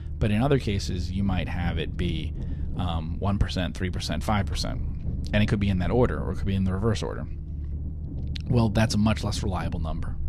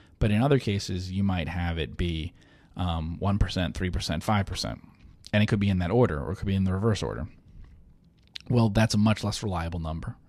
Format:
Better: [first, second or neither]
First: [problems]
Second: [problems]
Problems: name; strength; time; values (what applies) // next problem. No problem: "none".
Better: second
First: low rumble; noticeable; throughout; 15 dB below the speech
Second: none